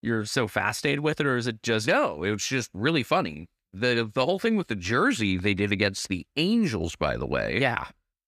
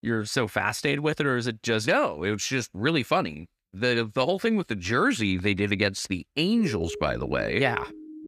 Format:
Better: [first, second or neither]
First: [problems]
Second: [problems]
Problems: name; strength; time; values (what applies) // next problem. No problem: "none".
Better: first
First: none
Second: siren; faint; from 6.5 s on; peak 10 dB below the speech